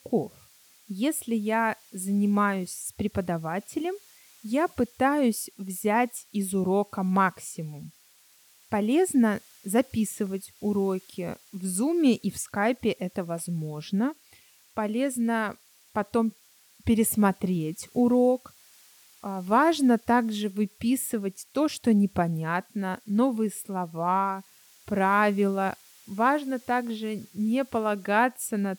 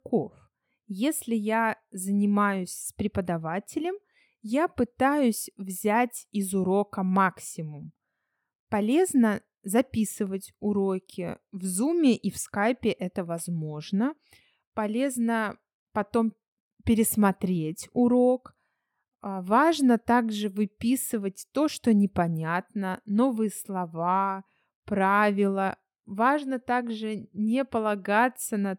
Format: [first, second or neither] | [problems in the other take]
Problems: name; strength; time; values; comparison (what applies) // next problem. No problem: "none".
second | hiss; faint; throughout; 25 dB below the speech